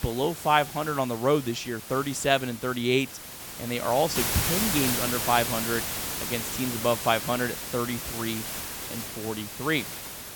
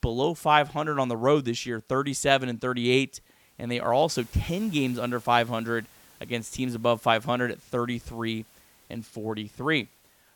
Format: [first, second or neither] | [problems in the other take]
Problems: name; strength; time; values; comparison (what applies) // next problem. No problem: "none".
second | hiss; loud; throughout; 3 dB below the speech; faint in the second